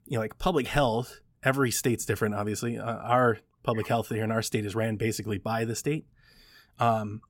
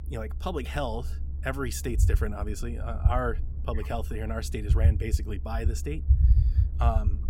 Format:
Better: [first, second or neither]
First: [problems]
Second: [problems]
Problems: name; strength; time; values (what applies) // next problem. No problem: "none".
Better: first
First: none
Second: low rumble; noticeable; throughout; 10 dB below the speech